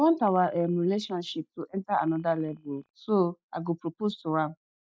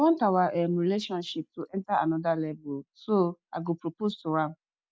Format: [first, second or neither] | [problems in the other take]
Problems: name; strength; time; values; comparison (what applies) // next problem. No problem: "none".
second | noise reduction (neural mask model DeepFilterNet 3)